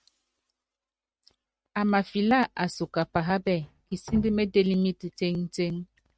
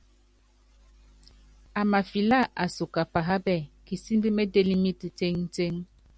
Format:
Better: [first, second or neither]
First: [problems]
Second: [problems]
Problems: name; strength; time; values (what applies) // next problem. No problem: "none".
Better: second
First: noise reduction (neural mask model RNNoise)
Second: none